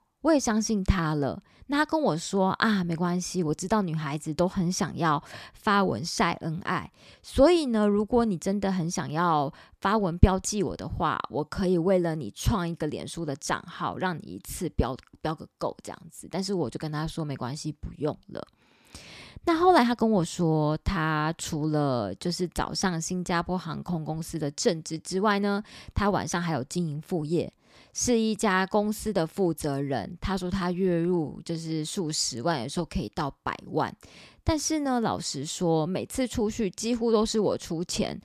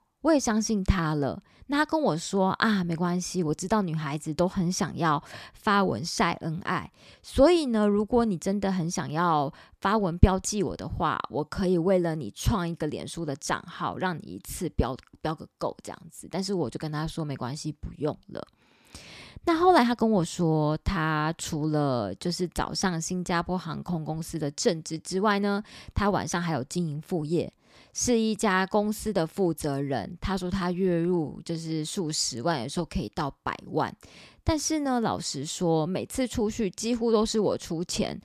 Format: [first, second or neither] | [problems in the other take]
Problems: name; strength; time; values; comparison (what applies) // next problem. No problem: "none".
neither | none